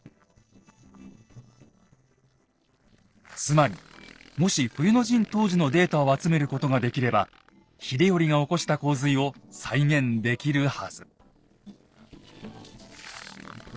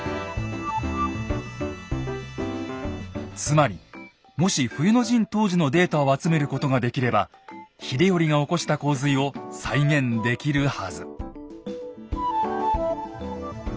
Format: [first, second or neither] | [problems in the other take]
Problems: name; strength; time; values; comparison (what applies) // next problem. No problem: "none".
second | noise reduction (neural separator model SepFormer DNS4)